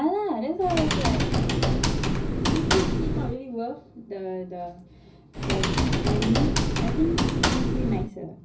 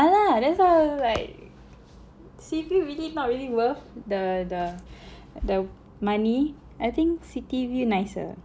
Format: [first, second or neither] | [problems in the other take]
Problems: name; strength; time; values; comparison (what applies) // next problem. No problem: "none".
second | background sound (Computer keyboard); 4 dB above the speech // room echo; dies away in 0.4 s